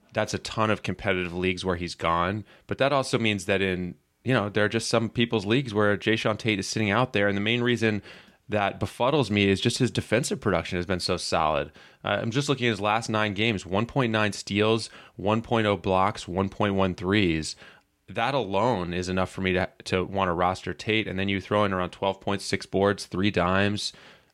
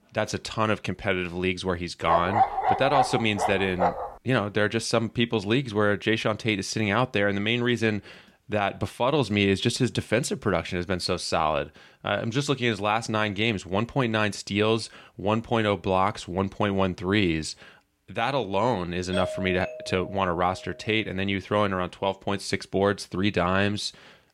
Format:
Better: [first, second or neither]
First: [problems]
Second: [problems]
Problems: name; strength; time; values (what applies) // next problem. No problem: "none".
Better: first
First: none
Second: dog barking; loud; from 2 to 4 s; peak 3 dB above the speech // doorbell; noticeable; from 19 to 21 s; peak 6 dB below the speech